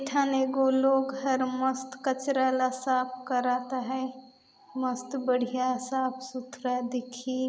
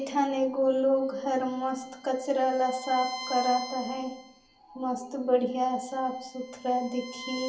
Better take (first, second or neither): first